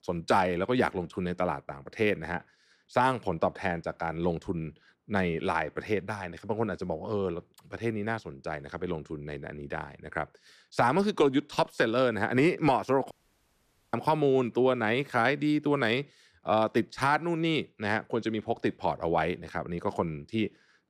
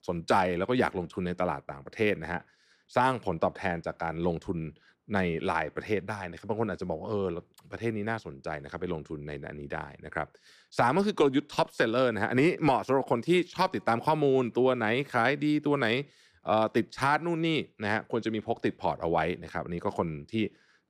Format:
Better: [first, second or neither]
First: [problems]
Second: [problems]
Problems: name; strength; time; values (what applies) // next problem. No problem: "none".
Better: second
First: audio cutting out; at 13 s for 1 s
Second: none